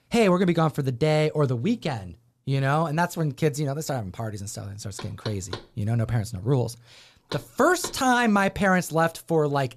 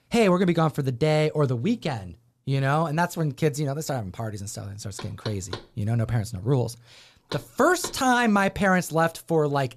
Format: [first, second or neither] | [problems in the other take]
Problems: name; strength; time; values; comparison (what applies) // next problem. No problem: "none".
neither | door banging; faint; from 5 to 8 s; peak 10 dB below the speech; the same in both